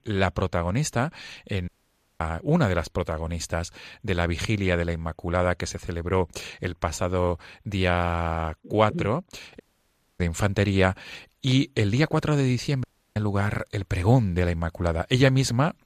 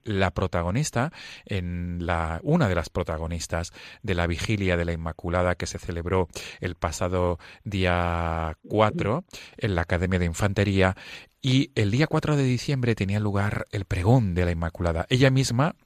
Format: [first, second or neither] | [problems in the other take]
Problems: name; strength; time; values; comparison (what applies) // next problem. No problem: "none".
second | audio cutting out; at 1.5 s for 0.5 s, at 9.5 s for 0.5 s and at 13 s